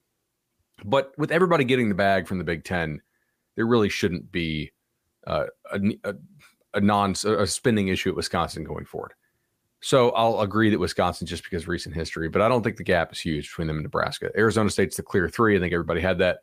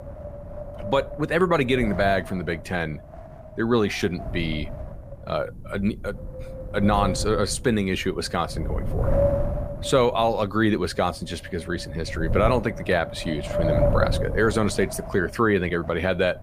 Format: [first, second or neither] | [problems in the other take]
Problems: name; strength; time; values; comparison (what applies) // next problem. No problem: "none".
first | wind noise on the microphone; heavy; 7 dB below the speech